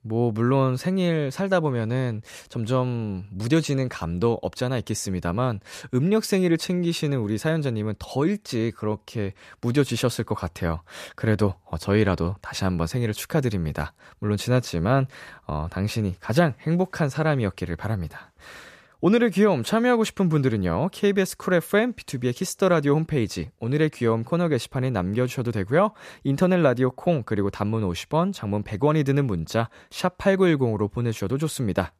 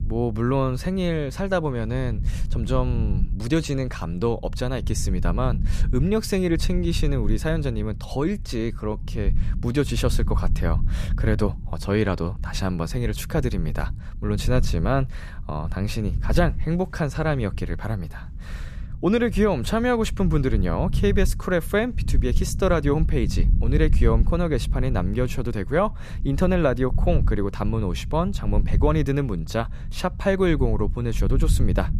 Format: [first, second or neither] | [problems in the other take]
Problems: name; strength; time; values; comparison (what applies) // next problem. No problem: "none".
first | low rumble; noticeable; throughout; 15 dB below the speech